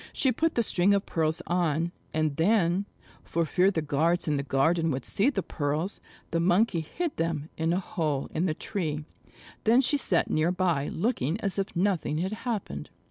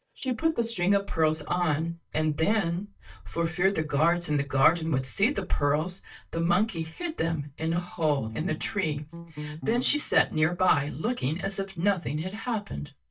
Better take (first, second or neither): first